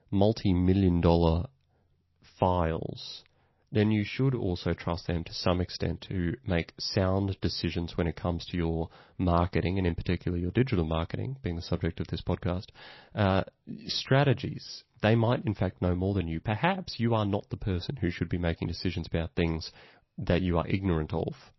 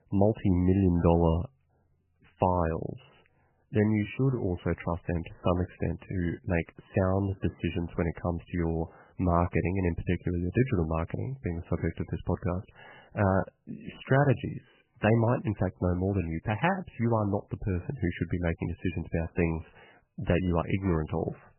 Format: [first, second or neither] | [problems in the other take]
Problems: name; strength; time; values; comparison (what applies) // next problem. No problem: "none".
first | garbled, watery; badly; nothing above 3 kHz; slightly in the first